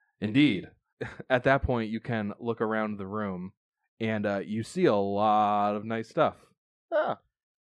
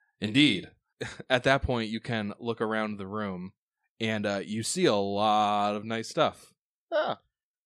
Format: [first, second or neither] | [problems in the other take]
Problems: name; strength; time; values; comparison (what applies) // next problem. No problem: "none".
second | muffled; slightly; fading above 3 kHz